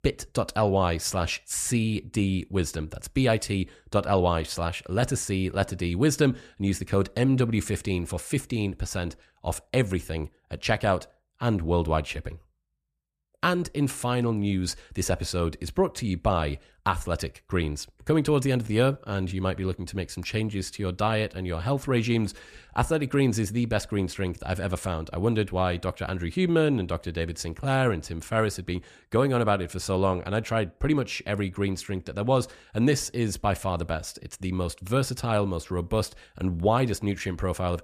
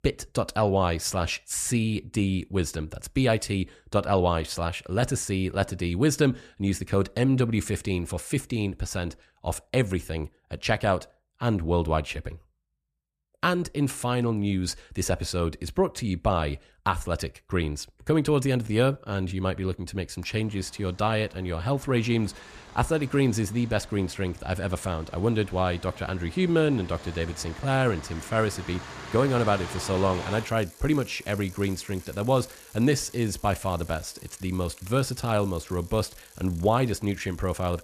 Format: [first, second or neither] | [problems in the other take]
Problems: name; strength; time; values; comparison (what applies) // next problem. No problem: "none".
first | traffic noise; noticeable; from 20 s on; 15 dB below the speech